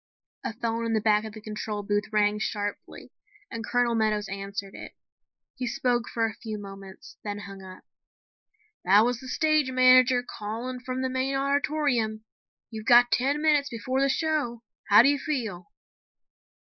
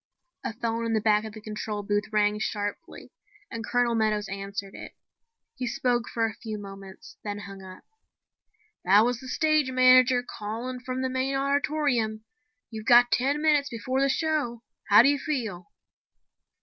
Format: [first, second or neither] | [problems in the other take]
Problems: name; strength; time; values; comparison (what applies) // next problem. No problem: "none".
second | noise reduction (neural mask model Resemble Enhance denoiser)